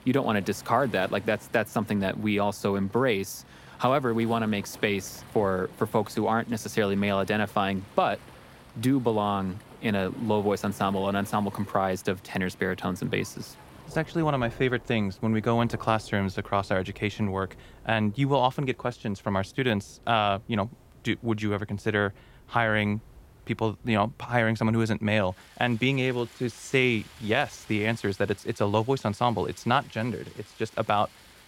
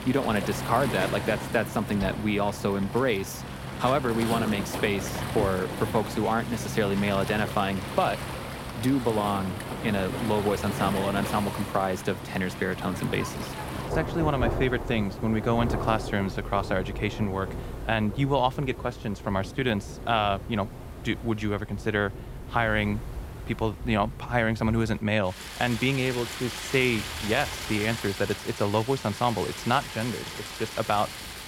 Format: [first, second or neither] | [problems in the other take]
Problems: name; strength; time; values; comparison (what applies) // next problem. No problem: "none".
first | rain or running water; loud; throughout; 7 dB below the speech; faint in the first